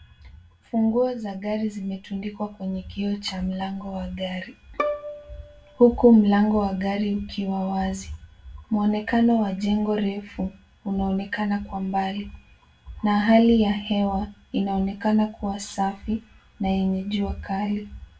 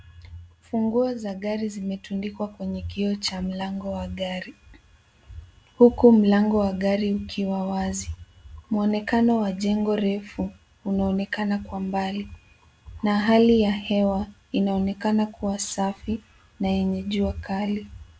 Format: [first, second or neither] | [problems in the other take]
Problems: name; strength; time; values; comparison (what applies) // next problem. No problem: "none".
second | background sound (Bowed string instrument); 12 dB below the speech // room echo; dies away in 0.1 s